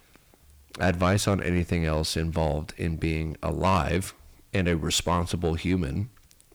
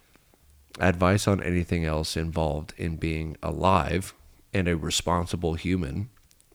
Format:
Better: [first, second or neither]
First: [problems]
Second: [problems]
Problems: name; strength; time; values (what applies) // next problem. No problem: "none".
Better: second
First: distortion; slight; 10 dB below the speech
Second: none